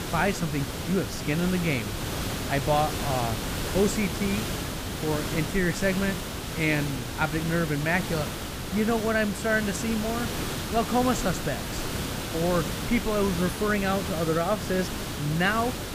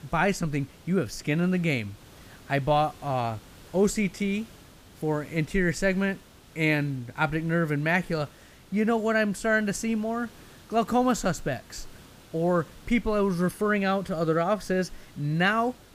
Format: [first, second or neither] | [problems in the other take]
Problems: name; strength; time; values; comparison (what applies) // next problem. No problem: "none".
second | hiss; loud; throughout; 4 dB below the speech; faint in the second